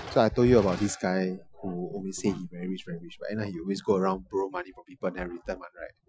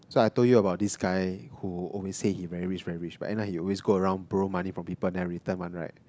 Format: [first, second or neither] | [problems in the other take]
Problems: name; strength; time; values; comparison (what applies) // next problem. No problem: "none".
second | noise reduction (classical method Wiener filter)